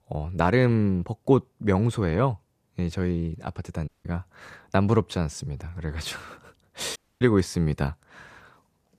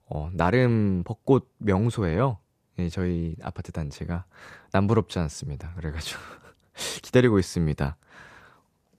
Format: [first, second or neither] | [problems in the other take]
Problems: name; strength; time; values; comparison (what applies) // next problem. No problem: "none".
second | audio cutting out; at 4 s and at 7 s